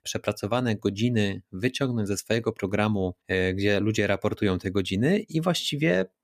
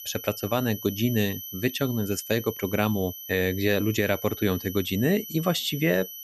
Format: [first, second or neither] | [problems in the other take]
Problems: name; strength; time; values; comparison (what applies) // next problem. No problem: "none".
first | high-pitched whine; noticeable; throughout; 12 kHz, 10 dB below the speech